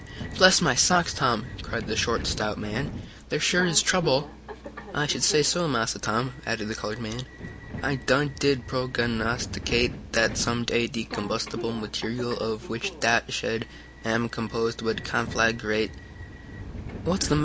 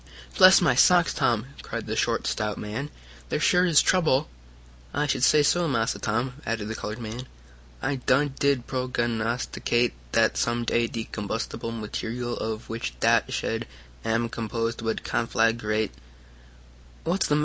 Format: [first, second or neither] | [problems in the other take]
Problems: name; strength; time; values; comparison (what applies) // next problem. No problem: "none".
second | background sound (Subway, metro, underground); 12 dB below the speech